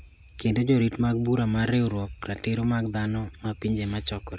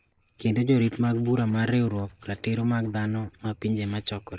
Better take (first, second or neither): first